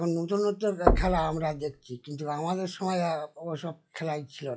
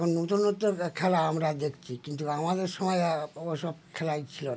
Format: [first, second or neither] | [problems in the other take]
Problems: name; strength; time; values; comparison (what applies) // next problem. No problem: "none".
second | noise reduction (classical method log-MMSE)